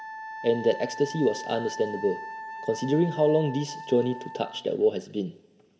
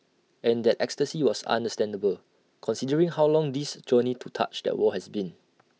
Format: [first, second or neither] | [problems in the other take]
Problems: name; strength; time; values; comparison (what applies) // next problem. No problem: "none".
second | background sound (Wind instrument, woodwind instrument); 12 dB below the speech // room echo; dies away in 1.5 s